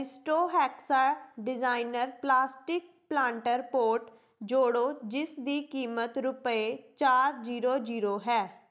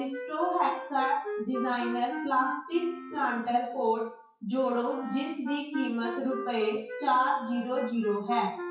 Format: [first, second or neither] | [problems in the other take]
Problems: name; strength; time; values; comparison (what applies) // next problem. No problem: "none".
first | noise reduction (classical method WPE with log-MMSE)